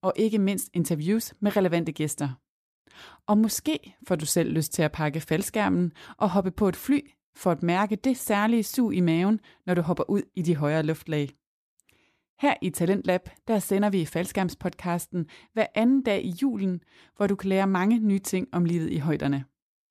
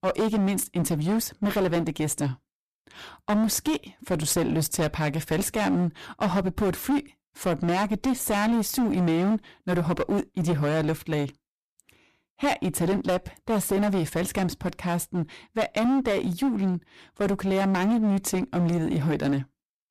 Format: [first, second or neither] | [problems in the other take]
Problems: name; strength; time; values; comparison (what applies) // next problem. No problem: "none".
first | distortion; heavy; 17% of the sound clipped